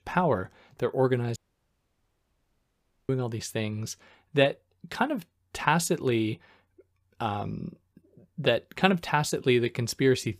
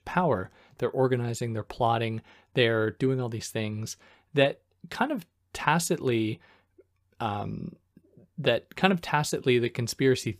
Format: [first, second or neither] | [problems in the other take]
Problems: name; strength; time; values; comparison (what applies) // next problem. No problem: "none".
second | audio cutting out; at 1.5 s for 1.5 s